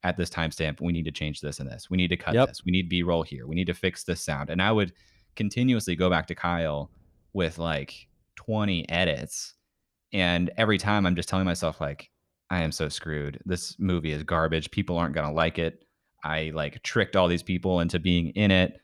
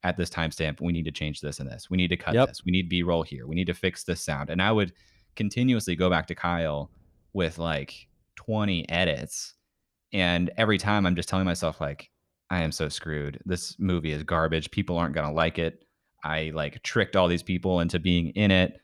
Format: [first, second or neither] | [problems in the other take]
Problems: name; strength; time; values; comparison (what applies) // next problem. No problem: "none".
neither | none